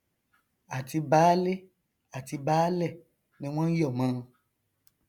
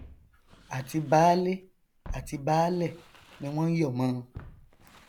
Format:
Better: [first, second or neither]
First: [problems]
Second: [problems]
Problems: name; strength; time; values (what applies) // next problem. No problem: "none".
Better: first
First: none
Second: background sound (Walk, footsteps); 18 dB below the speech